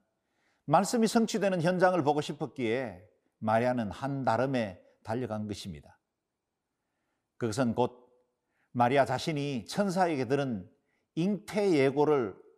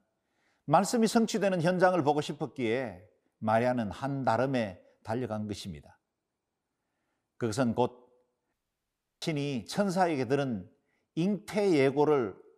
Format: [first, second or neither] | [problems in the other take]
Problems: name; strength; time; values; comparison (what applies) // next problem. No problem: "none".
first | audio cutting out; at 8.5 s for 0.5 s